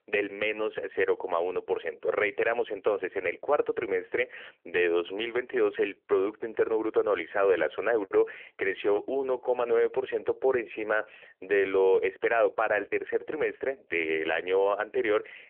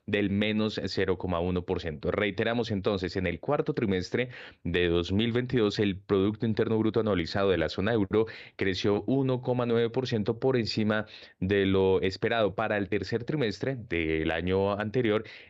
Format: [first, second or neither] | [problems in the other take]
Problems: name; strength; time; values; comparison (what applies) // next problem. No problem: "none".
second | phone-call audio